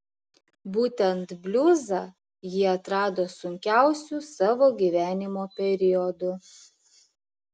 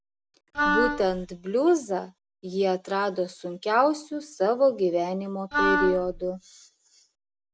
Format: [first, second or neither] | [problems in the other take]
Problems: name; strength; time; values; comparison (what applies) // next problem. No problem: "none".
first | background sound (Wind instrument, woodwind instrument); as loud as the speech